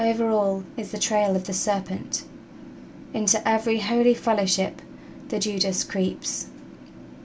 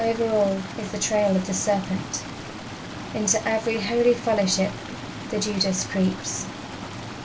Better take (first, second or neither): first